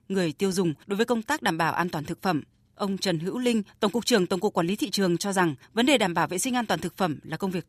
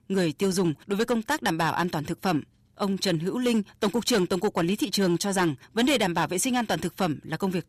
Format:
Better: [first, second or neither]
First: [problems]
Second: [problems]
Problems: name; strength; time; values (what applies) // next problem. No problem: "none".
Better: first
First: none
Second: distortion; slight; 7% of the sound clipped